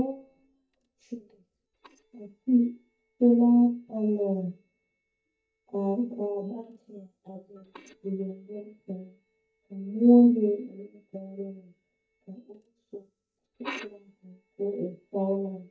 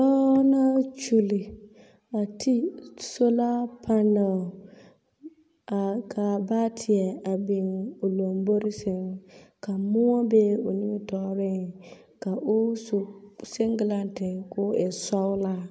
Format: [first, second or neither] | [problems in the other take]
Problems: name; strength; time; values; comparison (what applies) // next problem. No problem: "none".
second | noise reduction (neural mask model DeepFilterNet 3)